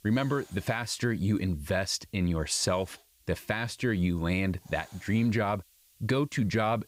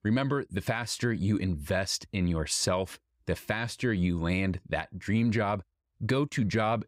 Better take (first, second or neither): second